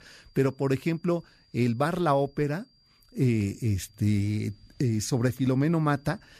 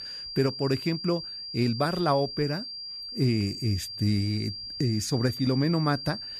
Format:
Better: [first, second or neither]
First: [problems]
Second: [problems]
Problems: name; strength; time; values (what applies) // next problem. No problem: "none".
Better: first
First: high-pitched whine; faint; throughout; 4.5 kHz, 35 dB below the speech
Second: high-pitched whine; loud; throughout; 4.5 kHz, 7 dB below the speech